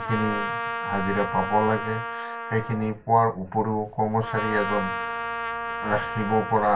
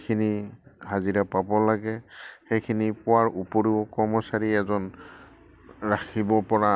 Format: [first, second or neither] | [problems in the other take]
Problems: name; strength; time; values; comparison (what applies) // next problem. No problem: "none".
second | background sound (Trumpet); 5 dB below the speech // room echo; dies away in 0.2 s